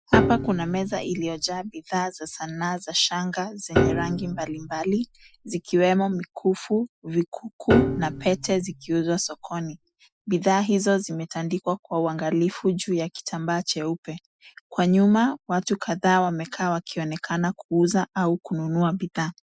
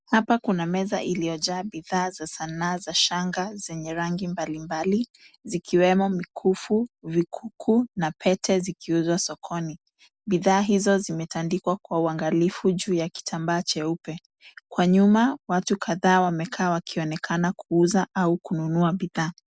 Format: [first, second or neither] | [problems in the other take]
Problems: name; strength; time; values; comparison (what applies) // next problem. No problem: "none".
second | noise reduction (classical method Wiener filter)